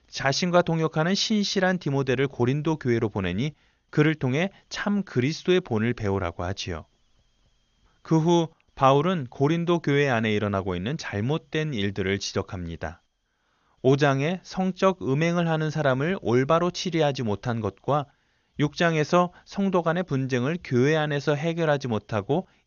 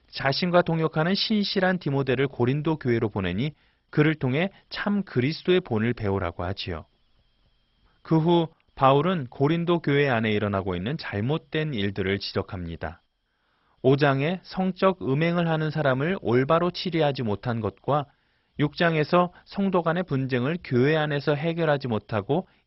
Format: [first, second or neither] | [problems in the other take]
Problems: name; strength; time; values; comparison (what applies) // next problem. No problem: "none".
first | garbled, watery; badly; nothing above 5.5 kHz; slightly in the first